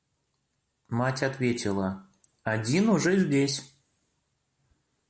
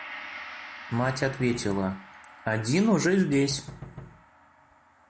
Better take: first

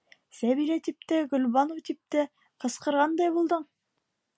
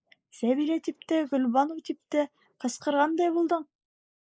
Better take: first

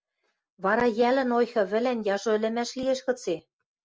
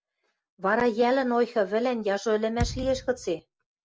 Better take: first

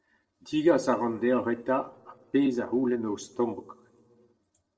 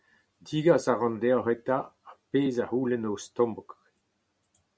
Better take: second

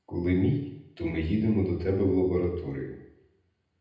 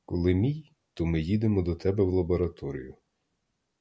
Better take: second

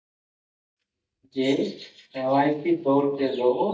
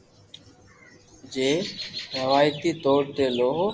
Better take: second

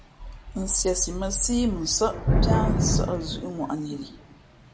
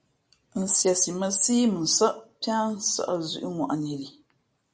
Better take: second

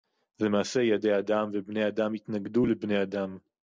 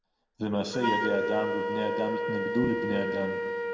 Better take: first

